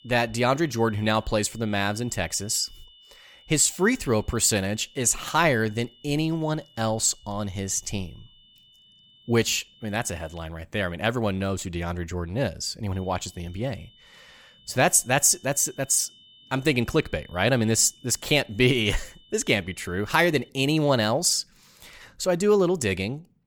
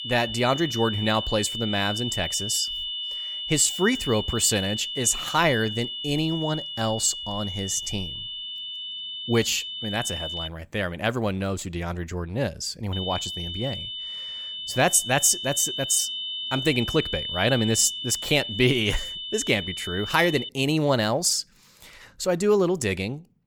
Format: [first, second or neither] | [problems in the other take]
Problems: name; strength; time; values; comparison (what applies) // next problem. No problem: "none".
first | high-pitched whine; loud; until 10 s and from 13 to 20 s; 3 kHz, 6 dB below the speech; faint in the first